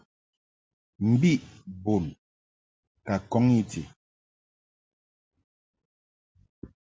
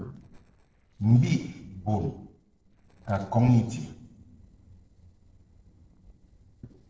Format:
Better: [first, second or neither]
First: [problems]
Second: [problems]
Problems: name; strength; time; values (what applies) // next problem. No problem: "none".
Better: first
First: none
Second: noise reduction (neural separator model SepFormer DNS4)